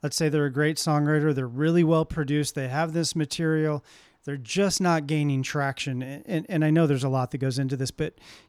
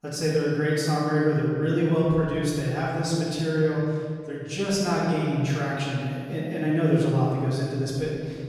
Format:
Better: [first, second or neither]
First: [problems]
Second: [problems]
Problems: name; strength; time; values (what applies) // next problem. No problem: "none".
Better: first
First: none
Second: off-mic speech; far // room echo; strong; dies away in 2.1 s